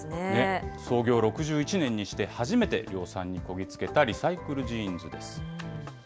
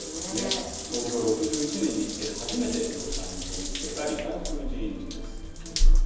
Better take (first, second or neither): first